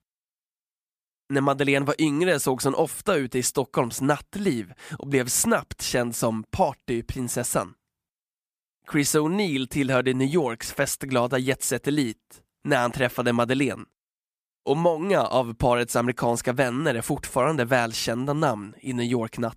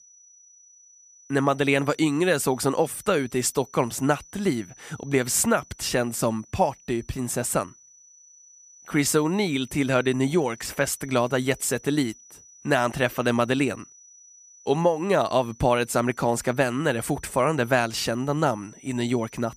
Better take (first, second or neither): first